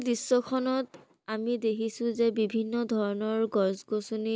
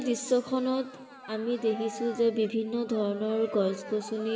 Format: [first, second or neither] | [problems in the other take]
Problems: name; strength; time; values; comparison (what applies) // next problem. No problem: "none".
first | background sound (Cheering); 16 dB below the speech // room echo; dies away in 2 s